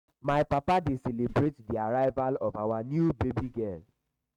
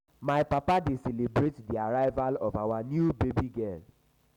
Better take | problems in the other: second | noise reduction (neural mask model RNNoise)

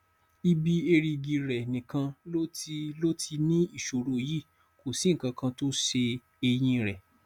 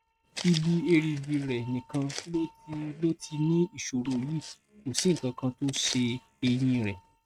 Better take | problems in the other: first | noise reduction (neural mask model RNNoise)

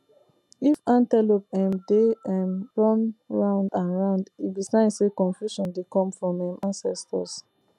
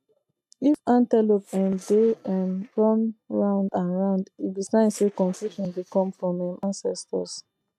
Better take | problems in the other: first | noise reduction (neural mask model RNNoise)

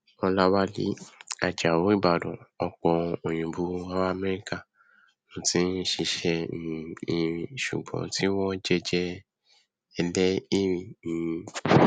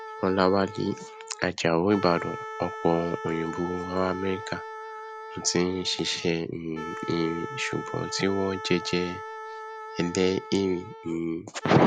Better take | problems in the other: first | background sound (Wind instrument, woodwind instrument); 11 dB below the speech

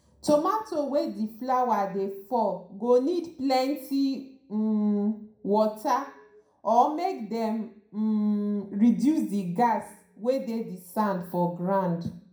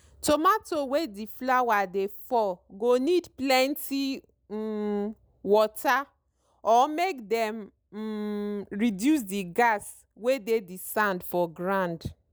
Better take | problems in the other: second | room echo; dies away in 0.4 s

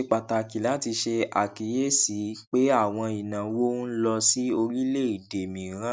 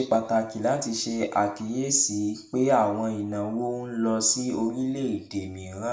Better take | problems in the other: first | room echo; dies away in 0.5 s

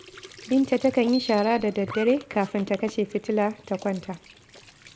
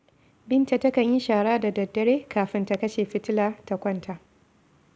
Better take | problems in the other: second | background sound (Bicycle bell + Squeak / Trickle, dribble / Sink (filling or washing)); 18 dB below the speech

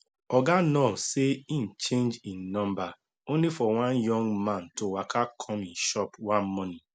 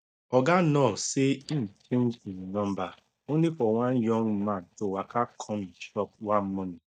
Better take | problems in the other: first | noise reduction (neural mask model DeepFilterNet 3)

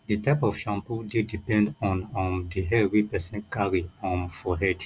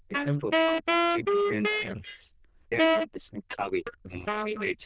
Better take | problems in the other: first | noise reduction (neural diffusion model UNIVERSE++)

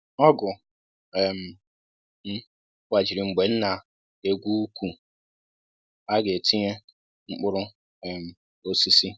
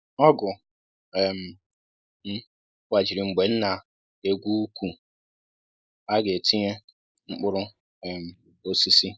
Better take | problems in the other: first | noise reduction (neural mask model Resemble Enhance denoiser)

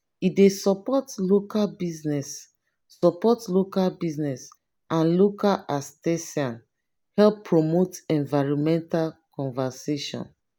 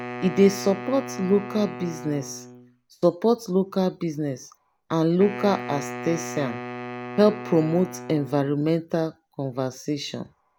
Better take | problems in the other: first | background sound (Wind instrument, woodwind instrument); 12 dB below the speech

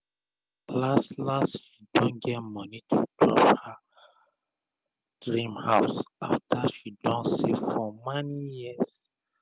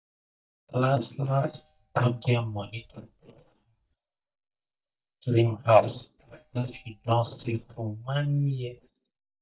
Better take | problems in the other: first | noise reduction (neural mask model DeepFilterNet 3)

